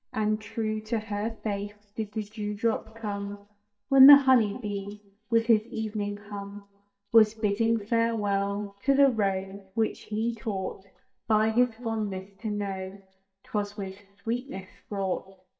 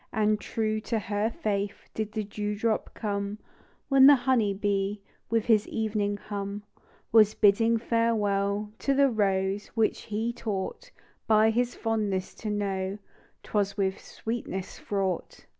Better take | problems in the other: second | noise reduction (neural mask model DeepFilterNet 3)

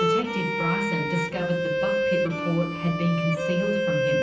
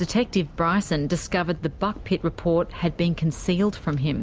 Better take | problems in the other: second | background sound (Bowed string instrument); 1 dB above the speech // room echo; dies away in 0.6 s

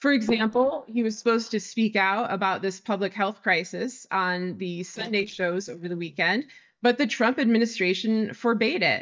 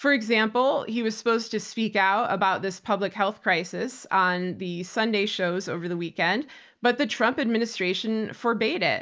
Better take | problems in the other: second | noise reduction (neural mask model DeepFilterNet 3)

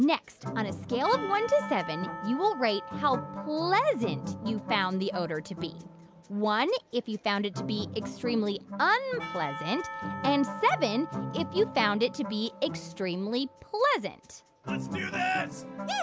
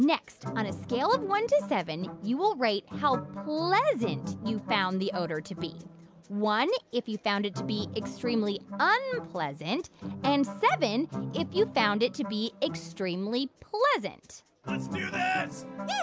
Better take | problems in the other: second | background sound (Church bell / Percussion); 15 dB below the speech

